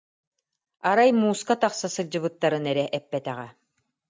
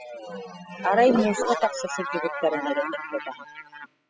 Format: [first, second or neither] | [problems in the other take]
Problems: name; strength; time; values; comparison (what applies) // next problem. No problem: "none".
first | noise reduction (classical method spectral subtraction)